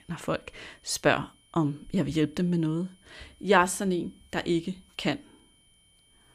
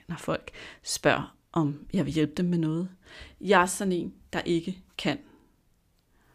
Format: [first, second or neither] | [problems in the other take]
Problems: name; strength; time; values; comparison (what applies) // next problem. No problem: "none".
second | high-pitched whine; faint; throughout; 3 kHz, 35 dB below the speech